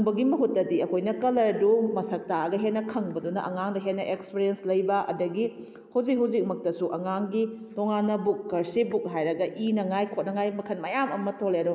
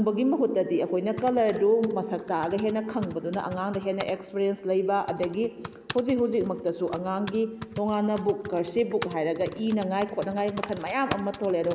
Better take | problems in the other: first | background sound (Typing); 16 dB below the speech

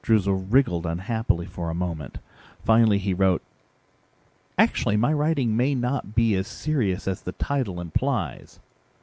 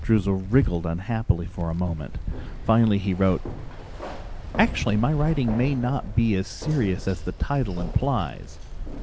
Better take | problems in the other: first | background sound (Keys jangling); 8 dB below the speech

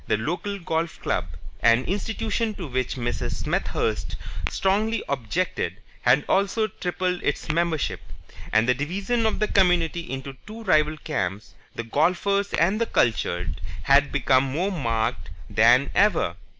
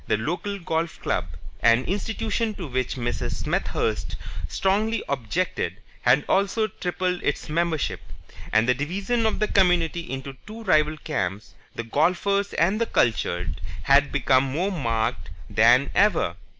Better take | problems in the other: second | background sound (Tap / Glass); 17 dB below the speech

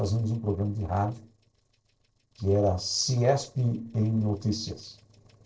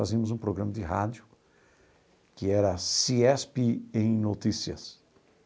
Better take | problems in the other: second | noise reduction (neural separator model SepFormer DNS4)

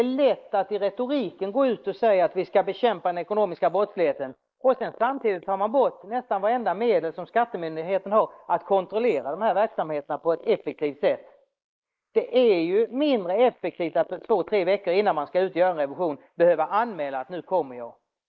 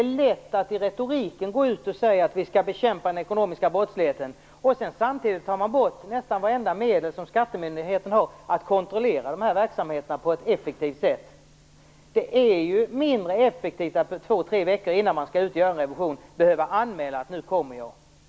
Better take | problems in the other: second | noise reduction (neural mask model Resemble Enhance denoiser)

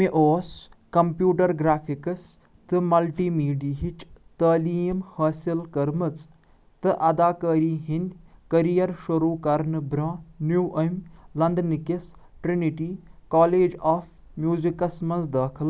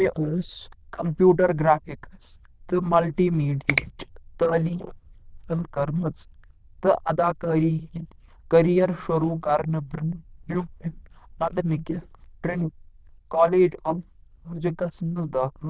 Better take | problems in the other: first | noise reduction (neural diffusion model UNIVERSE++)

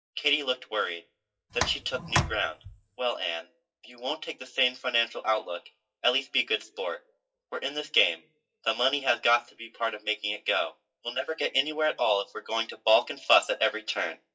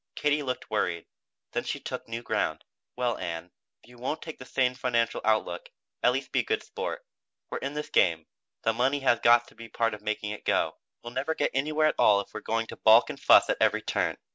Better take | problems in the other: second | noise reduction (classical method WPE with log-MMSE)

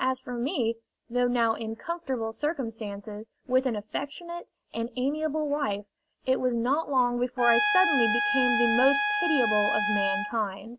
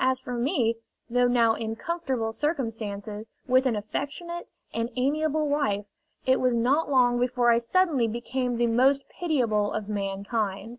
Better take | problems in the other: second | background sound (Trumpet); as loud as the speech

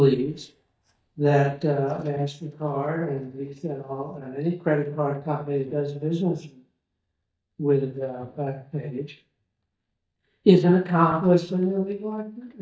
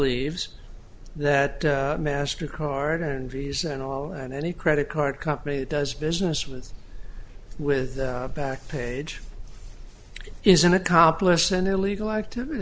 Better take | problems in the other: second | noise reduction (neural mask model DeepFilterNet 3)

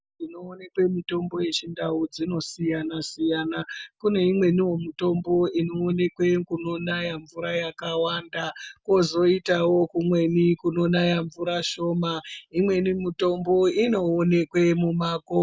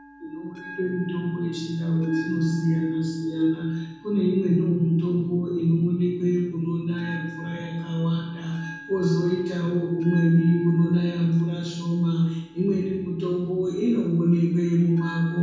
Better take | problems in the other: first | background sound (Bell); 20 dB below the speech // room echo; dies away in 1.1 s

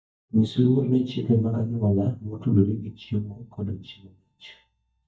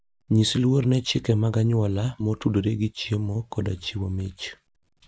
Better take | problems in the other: second | noise reduction (neural mask model DeepFilterNet 3)

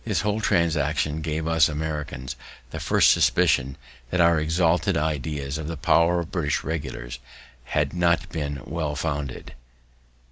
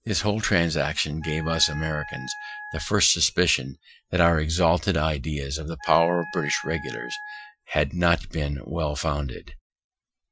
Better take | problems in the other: first | noise reduction (classical method Wiener filter)

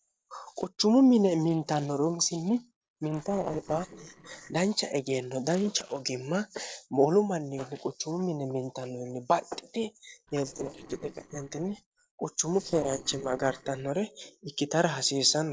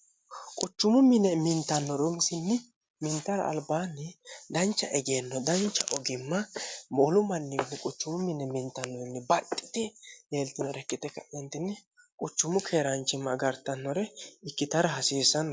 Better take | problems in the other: second | noise reduction (neural separator model SepFormer DNS4)

